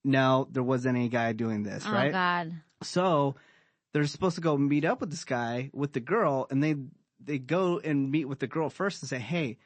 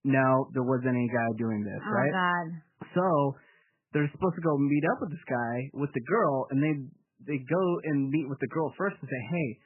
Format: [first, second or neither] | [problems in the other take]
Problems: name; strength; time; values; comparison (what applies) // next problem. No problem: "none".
first | garbled, watery; badly; nothing above 3 kHz; slightly in the first